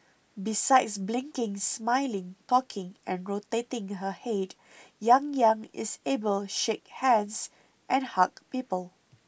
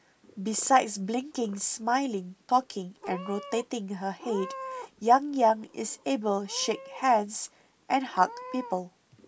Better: first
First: none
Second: background sound (Meow / Purr); 17 dB below the speech

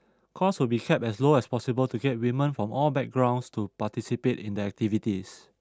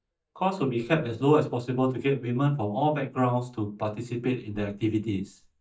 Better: first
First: none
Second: noise reduction (neural mask model DeepFilterNet 3)

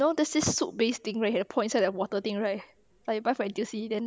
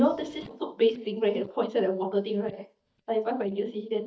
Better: first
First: none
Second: noise reduction (neural mask model DeepFilterNet 3)

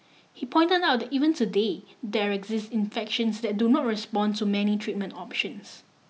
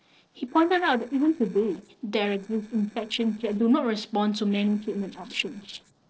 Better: first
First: none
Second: noise reduction (neural separator model SepFormer DNS4)

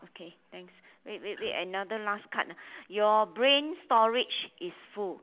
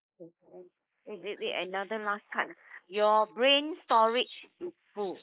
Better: first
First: none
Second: noise reduction (neural mask model Resemble Enhance denoiser)

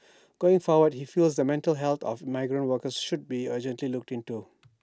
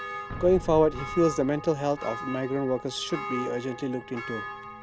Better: first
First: none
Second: background sound (Church bell + Boom); 10 dB below the speech

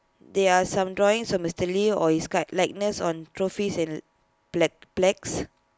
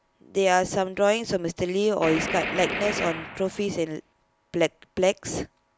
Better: first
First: none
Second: background sound (Gunshot, gunfire); 6 dB below the speech

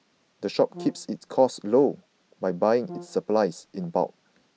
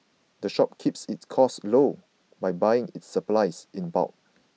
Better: second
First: background sound (Brass instrument); 18 dB below the speech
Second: none

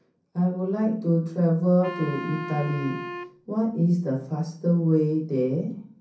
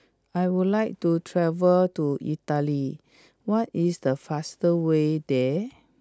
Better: second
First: background sound (Wind instrument, woodwind instrument); 12 dB below the speech // room echo; dies away in 0.6 s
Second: none

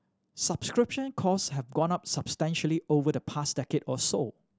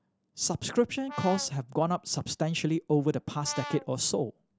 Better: first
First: none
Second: background sound (Brass instrument); 12 dB below the speech

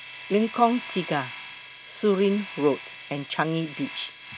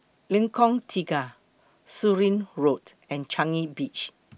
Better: second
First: background sound (Domestic sounds, home sounds); 14 dB below the speech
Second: none

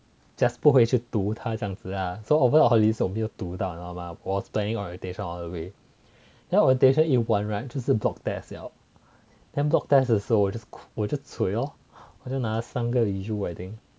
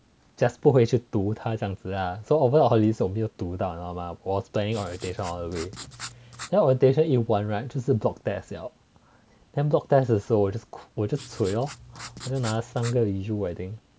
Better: first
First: none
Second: background sound (Writing); 16 dB below the speech

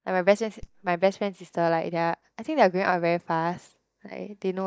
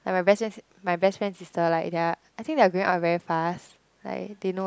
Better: second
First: noise reduction (neural mask model DeepFilterNet 3)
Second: none

